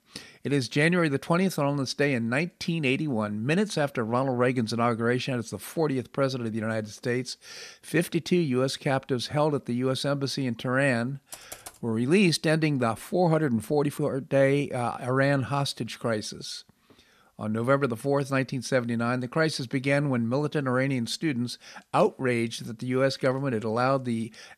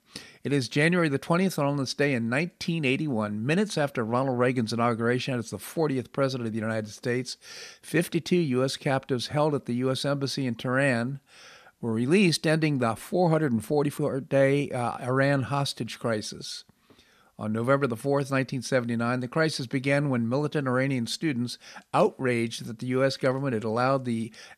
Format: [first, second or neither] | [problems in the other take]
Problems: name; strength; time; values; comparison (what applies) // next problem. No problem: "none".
second | keyboard typing; faint; at 11 s; peak 15 dB below the speech